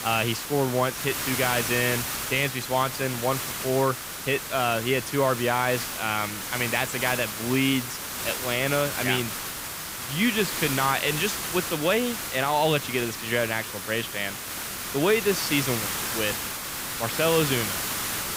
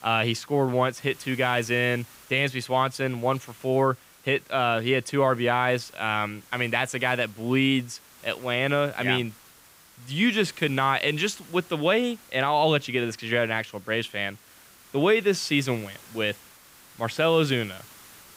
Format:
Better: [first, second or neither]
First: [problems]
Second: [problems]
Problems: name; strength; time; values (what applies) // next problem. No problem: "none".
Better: second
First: hiss; loud; throughout; 4 dB below the speech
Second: hiss; faint; throughout; 25 dB below the speech